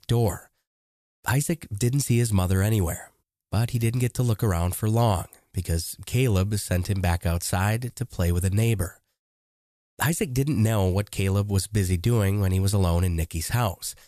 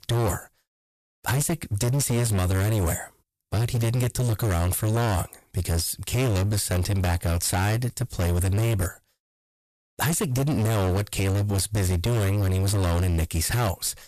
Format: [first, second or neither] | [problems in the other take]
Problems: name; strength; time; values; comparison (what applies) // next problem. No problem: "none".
first | distortion; heavy; 31% of the sound clipped